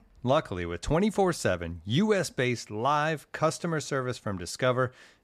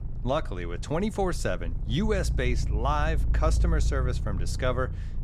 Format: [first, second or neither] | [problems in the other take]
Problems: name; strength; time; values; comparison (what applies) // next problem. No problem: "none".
first | low rumble; noticeable; throughout; 15 dB below the speech